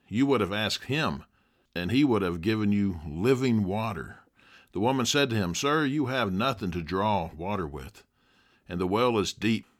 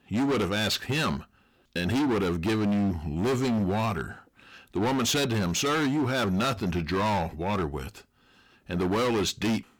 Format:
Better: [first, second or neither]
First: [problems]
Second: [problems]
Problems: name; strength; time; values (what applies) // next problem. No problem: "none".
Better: first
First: none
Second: distortion; heavy; 22% of the sound clipped